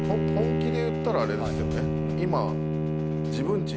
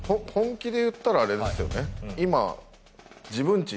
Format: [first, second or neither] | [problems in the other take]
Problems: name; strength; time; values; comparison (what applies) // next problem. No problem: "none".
second | background sound (Bowed string instrument); 4 dB above the speech